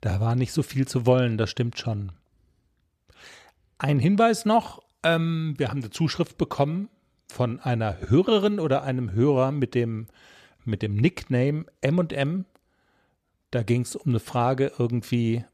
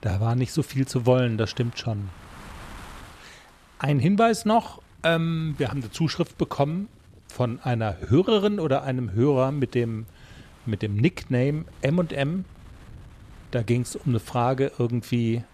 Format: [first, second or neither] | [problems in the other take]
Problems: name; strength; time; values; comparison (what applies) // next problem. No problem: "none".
first | wind noise on the microphone; occasional gusts; 25 dB below the speech